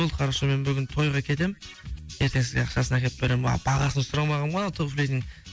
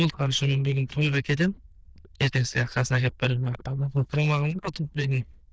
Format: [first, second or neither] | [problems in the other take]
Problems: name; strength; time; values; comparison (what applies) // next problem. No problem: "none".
first | noise reduction (neural diffusion model UNIVERSE++)